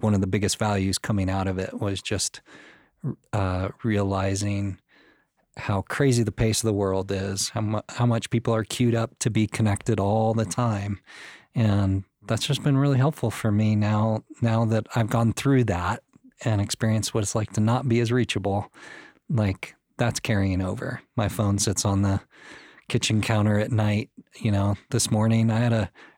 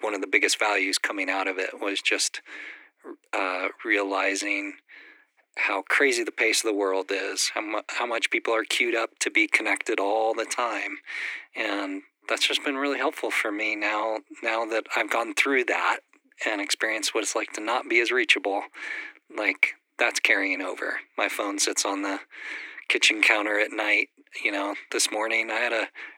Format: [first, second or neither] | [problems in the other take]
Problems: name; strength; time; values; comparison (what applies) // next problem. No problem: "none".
first | thin; very; fading below 300 Hz